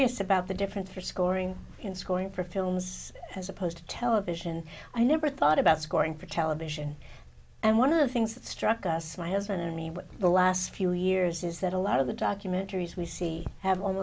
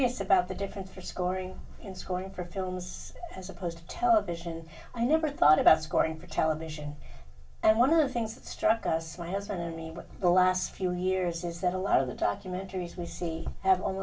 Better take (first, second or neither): first